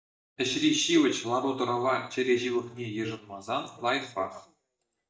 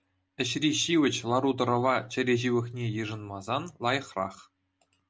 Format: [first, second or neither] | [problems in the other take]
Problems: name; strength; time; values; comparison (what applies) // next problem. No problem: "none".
second | noise reduction (neural mask model DeepFilterNet 3)